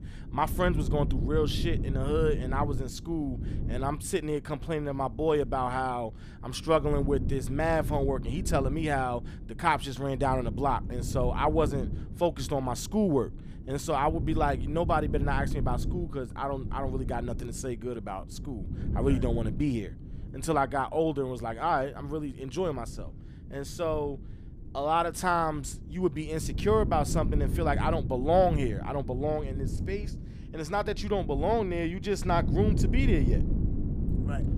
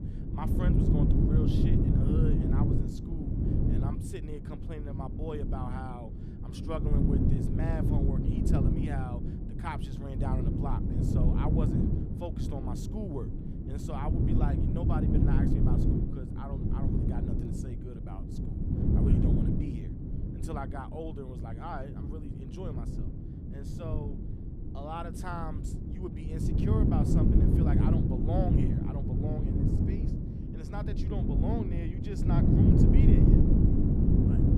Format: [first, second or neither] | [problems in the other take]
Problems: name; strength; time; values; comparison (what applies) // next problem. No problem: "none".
first | wind noise on the microphone; heavy; 4 dB above the speech; occasional gusts in the first